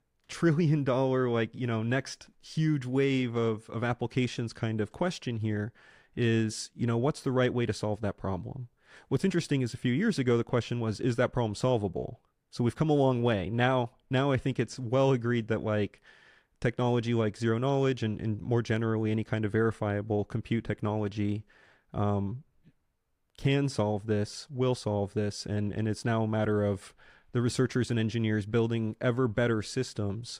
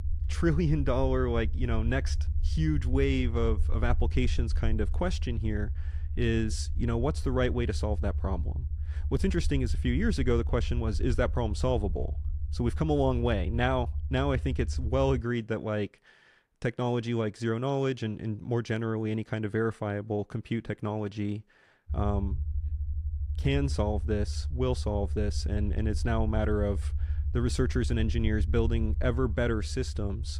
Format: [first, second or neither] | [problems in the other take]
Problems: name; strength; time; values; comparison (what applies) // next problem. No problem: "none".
first | low rumble; noticeable; until 15 s and from 22 s on; 20 dB below the speech